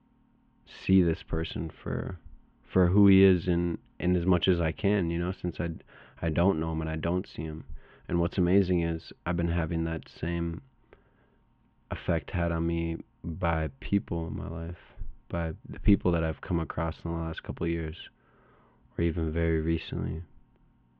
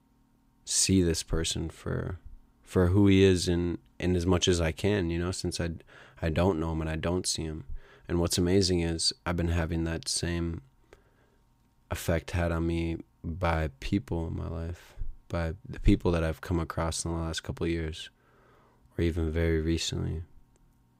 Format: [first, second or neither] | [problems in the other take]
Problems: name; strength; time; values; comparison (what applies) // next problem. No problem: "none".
second | muffled; very; fading above 3 kHz